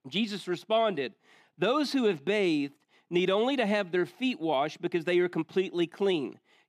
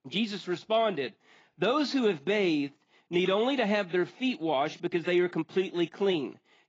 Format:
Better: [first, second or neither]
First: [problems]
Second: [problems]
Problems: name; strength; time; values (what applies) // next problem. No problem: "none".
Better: first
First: none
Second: garbled, watery; badly; nothing above 7.5 kHz